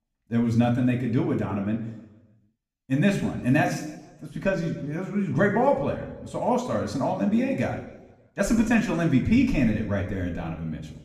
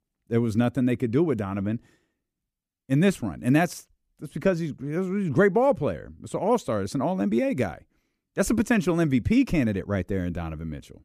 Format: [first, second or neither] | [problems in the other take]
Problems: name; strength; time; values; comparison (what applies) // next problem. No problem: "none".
second | room echo; slight; dies away in 0.9 s // off-mic speech; somewhat distant